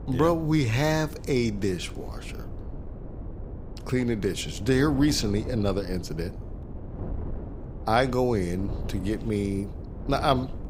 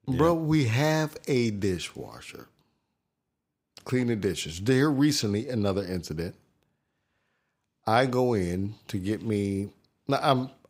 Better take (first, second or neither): second